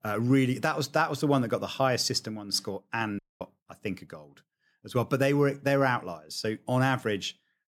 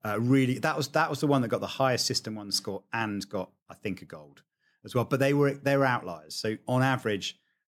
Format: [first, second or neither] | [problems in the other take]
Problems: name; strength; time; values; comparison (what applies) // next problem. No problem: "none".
second | audio cutting out; at 3 s